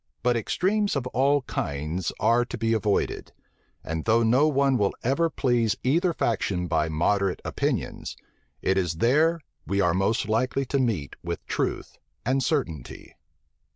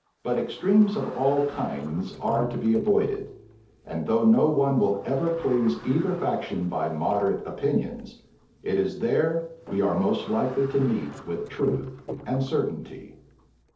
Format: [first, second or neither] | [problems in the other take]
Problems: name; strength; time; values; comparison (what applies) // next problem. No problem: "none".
first | noise reduction (neural separator model SepFormer DNS4)